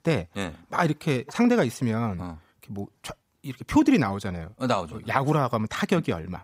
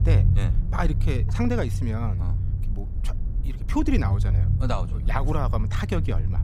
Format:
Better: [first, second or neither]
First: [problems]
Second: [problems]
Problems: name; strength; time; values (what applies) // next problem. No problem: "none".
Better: first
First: none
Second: low rumble; loud; throughout; 10 dB below the speech